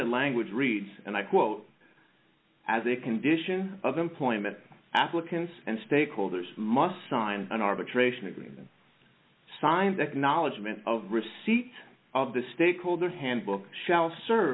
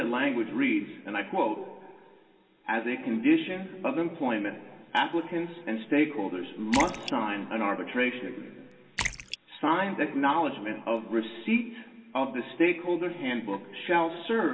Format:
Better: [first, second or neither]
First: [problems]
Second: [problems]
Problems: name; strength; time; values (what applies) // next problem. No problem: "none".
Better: first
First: none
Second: background sound (Splash, splatter); 10 dB below the speech // room echo; dies away in 1.7 s